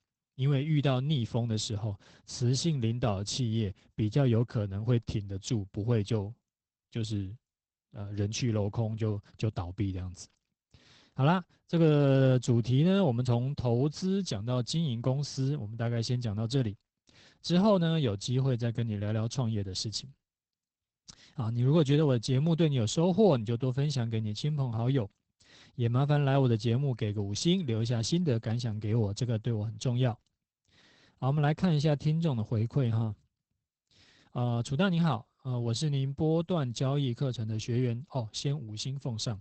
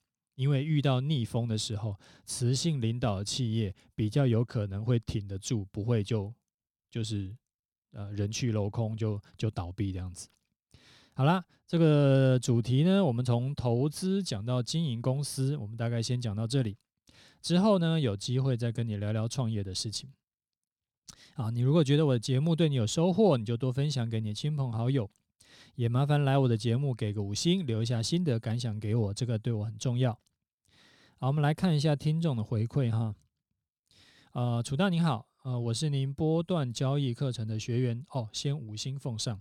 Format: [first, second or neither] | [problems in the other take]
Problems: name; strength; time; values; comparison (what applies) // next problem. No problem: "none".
second | garbled, watery; badly; nothing above 8 kHz